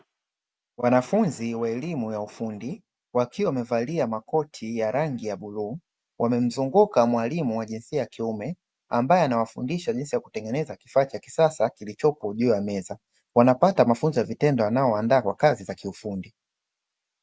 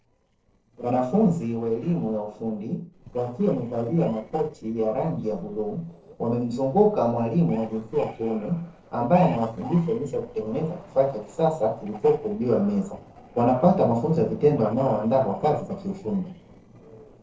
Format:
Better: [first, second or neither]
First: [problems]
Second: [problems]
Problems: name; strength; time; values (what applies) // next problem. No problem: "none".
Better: first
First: none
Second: noise reduction (neural separator model SepFormer DNS4)